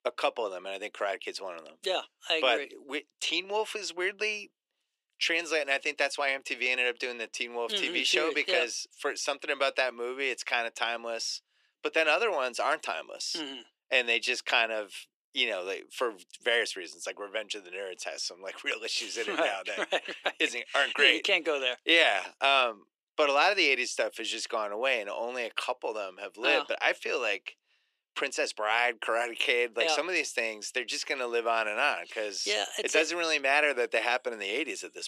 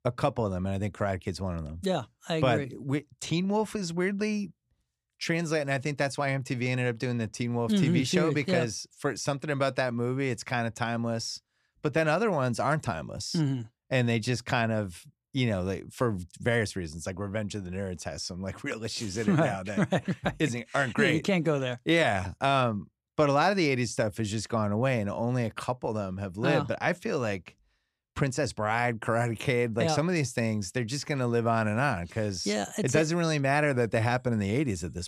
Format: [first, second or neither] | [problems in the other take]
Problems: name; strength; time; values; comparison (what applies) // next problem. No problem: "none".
second | thin; very; fading below 350 Hz